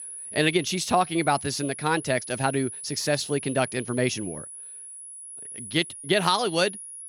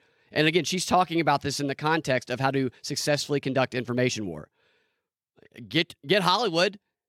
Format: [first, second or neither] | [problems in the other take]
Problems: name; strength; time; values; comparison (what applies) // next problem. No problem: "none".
second | high-pitched whine; noticeable; throughout; 10.5 kHz, 10 dB below the speech